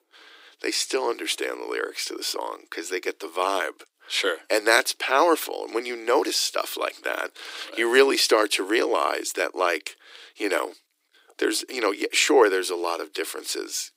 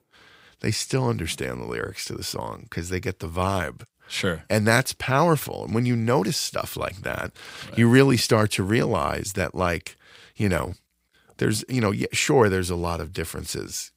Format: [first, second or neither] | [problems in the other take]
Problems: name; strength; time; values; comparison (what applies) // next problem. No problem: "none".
second | thin; very; fading below 300 Hz